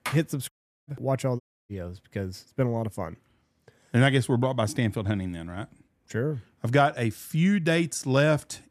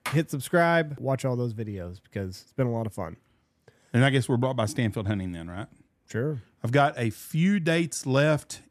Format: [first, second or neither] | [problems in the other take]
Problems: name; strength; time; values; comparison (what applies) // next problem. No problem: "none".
second | audio cutting out; at 0.5 s and at 1.5 s